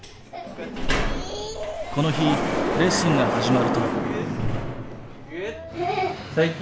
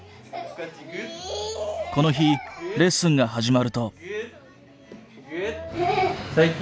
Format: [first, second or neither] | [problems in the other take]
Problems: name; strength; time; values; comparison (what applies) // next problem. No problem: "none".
second | background sound (Sliding door); as loud as the speech